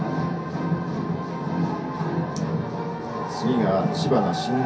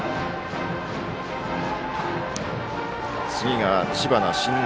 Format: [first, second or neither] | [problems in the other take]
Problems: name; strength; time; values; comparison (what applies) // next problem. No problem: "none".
second | room echo; dies away in 0.3 s